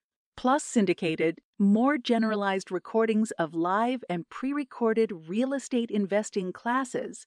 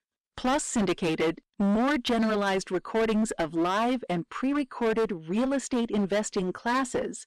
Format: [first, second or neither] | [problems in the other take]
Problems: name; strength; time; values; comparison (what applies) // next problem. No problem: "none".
first | distortion; heavy; 21% of the sound clipped